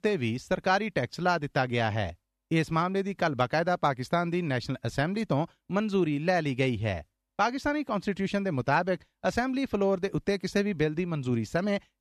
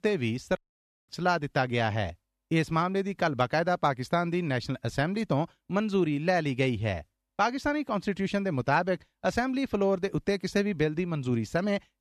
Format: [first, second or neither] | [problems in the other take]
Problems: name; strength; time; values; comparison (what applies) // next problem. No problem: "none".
first | audio cutting out; at 0.5 s for 0.5 s